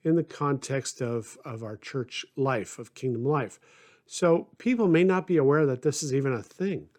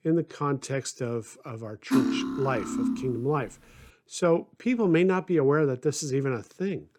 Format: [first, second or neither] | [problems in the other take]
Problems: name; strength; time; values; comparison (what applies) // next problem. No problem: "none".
first | clattering dishes; loud; from 2 to 3 s; peak 3 dB above the speech